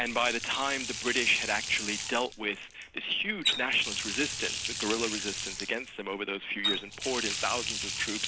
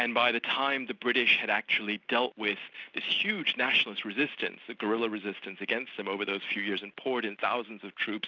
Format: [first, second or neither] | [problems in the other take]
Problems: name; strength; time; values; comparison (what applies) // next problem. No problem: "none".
second | background sound (Water tap, faucet); 4 dB below the speech